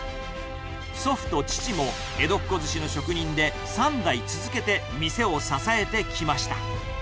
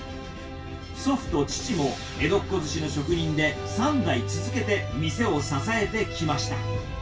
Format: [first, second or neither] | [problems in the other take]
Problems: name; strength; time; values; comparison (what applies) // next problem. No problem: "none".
first | room echo; dies away in 0.2 s